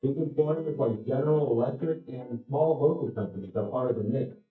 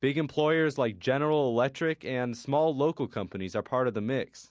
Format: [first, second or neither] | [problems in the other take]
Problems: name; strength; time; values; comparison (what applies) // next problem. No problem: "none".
second | noise reduction (neural mask model DeepFilterNet 3)